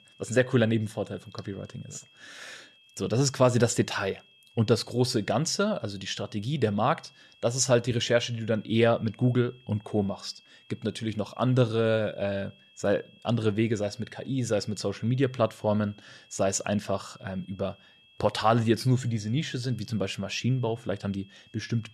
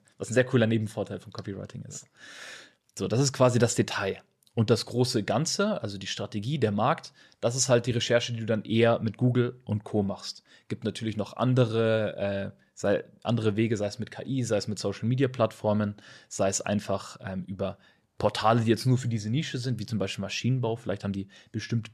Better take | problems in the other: second | high-pitched whine; faint; throughout; 3.5 kHz, 30 dB below the speech

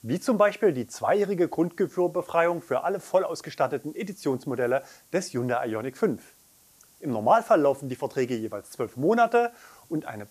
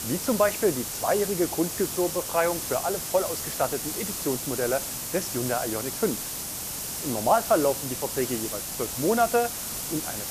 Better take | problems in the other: first | hiss; loud; throughout; 3 dB below the speech; faint in the first

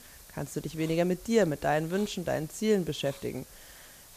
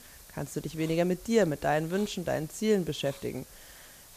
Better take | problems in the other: neither | hiss; noticeable; throughout; 20 dB below the speech; the same in both

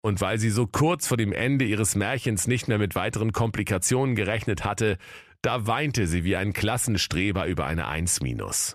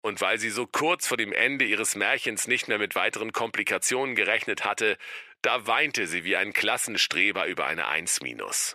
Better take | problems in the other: first | thin; very; fading below 450 Hz

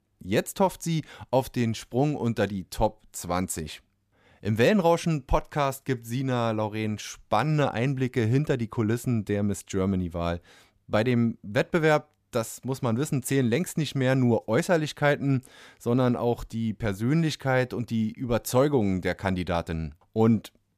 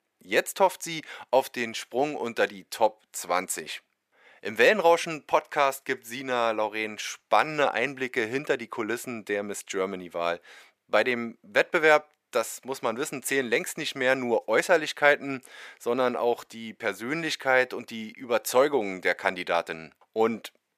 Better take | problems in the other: first | thin; somewhat; fading below 500 Hz

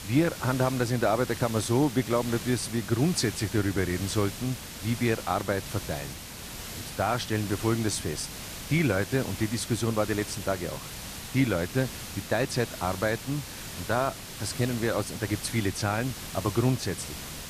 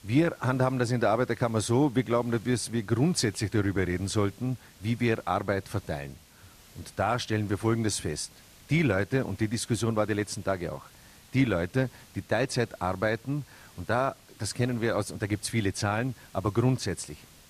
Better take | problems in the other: second | hiss; loud; throughout; 9 dB below the speech; faint in the second

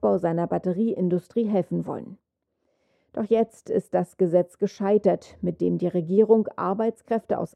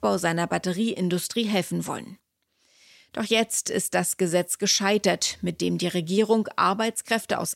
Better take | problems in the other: second | muffled; very; fading above 1.5 kHz

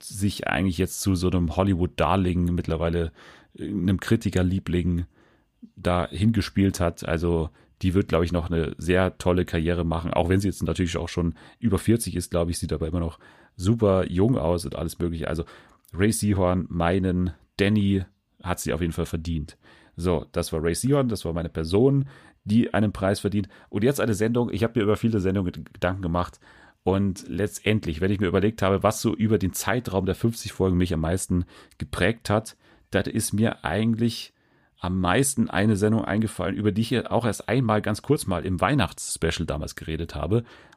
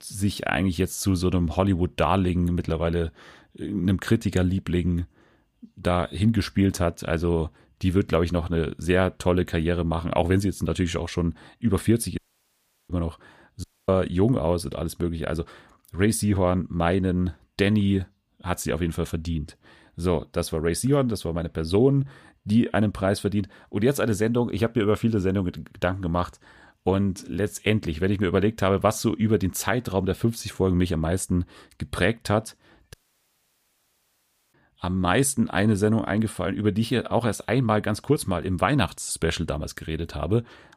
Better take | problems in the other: first | audio cutting out; at 12 s for 0.5 s, at 14 s and at 33 s for 1.5 s

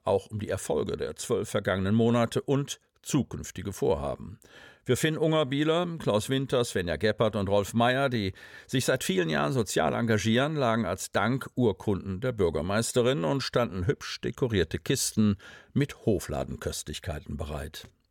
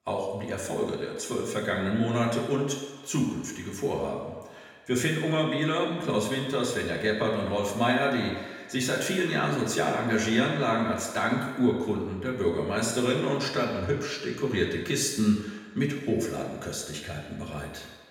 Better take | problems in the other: first | room echo; noticeable; dies away in 1.2 s // off-mic speech; somewhat distant

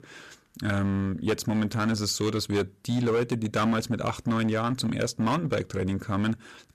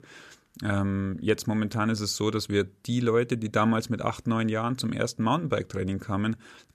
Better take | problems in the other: second | distortion; slight; 10% of the sound clipped

